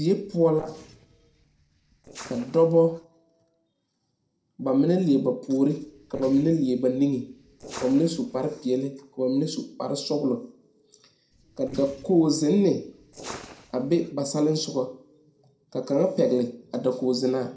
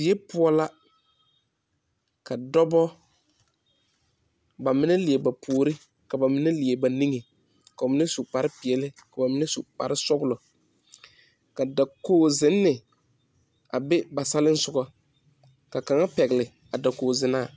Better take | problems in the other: second | noise reduction (neural separator model SepFormer DNS4)

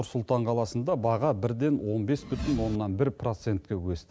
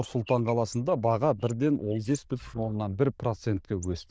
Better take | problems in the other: first | noise reduction (neural diffusion model UNIVERSE++)

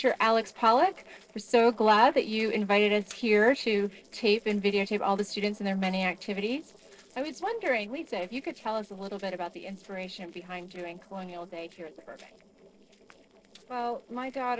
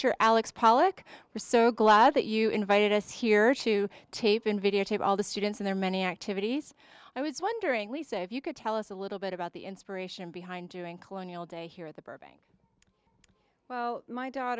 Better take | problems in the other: second | noise reduction (neural separator model SepFormer DNS4)

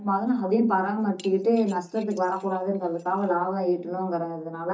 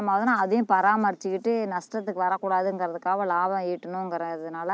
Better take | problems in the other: second | noise reduction (neural mask model DeepFilterNet 3)

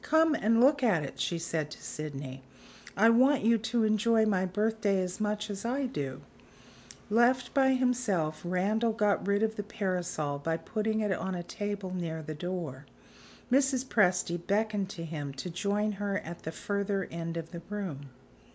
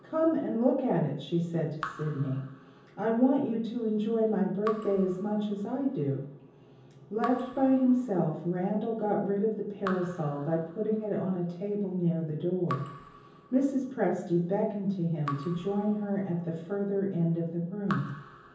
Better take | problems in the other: first | background sound (Raindrop / Drip); 17 dB below the speech // room echo; dies away in 0.7 s

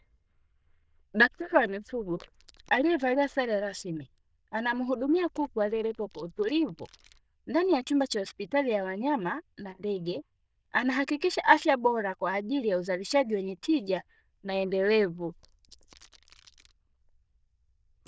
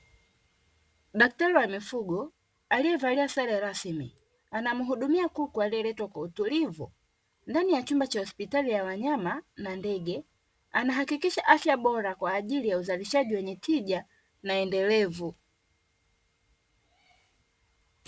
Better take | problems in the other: second | noise reduction (neural diffusion model UNIVERSE++)

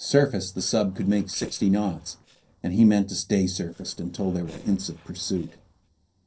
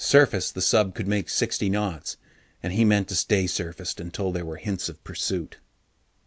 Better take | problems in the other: second | noise reduction (neural separator model SepFormer DNS4)

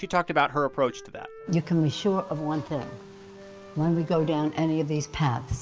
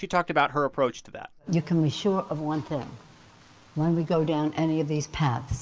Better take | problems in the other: second | background sound (Bowed string instrument + Wind instrument, woodwind instrument); 20 dB below the speech

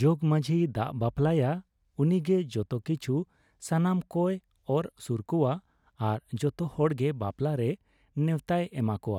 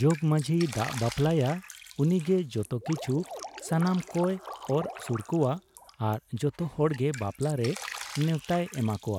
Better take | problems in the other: first | background sound (Drip); 15 dB below the speech

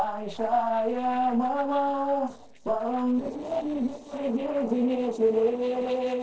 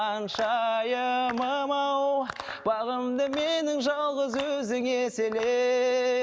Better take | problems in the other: second | noise reduction (neural separator model SepFormer DNS4)

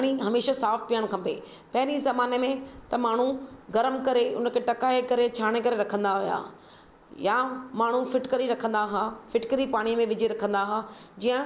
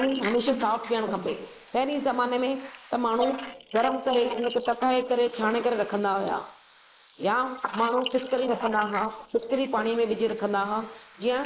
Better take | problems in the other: first | noise reduction (neural mask model Resemble Enhance denoiser)

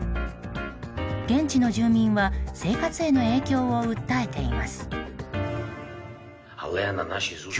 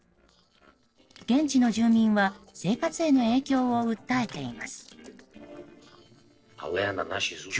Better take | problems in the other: first | noise reduction (neural separator model SepFormer DNS4)

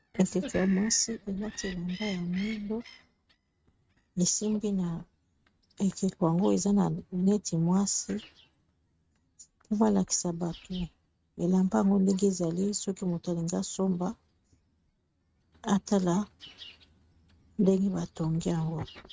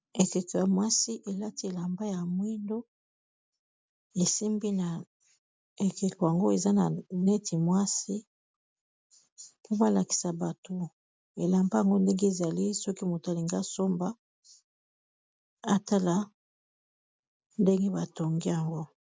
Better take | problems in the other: second | noise reduction (neural mask model RNNoise)

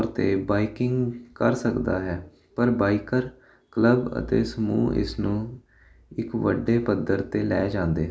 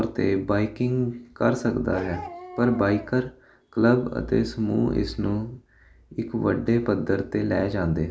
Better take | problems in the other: first | background sound (Bark); 15 dB below the speech

